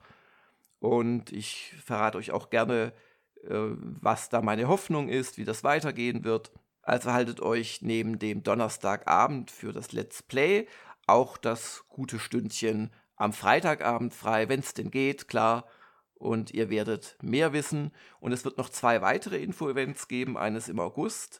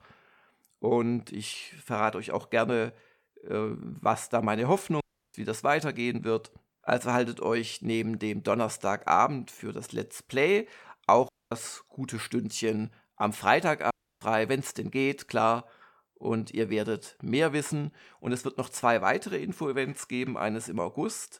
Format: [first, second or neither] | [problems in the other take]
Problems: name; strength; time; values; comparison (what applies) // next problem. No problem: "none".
first | audio cutting out; at 5 s, at 11 s and at 14 s